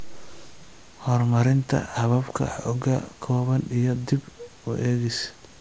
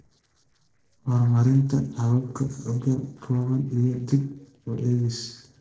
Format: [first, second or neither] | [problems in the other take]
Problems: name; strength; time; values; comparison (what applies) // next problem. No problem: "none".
first | noise reduction (neural separator model SepFormer DNS4)